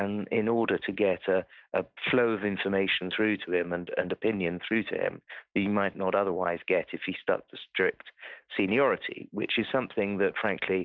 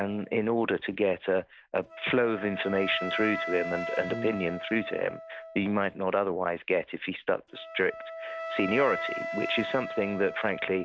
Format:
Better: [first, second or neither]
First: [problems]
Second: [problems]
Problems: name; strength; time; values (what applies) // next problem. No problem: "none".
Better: first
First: none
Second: background sound (Brass instrument + Wind instrument, woodwind instrument); 9 dB below the speech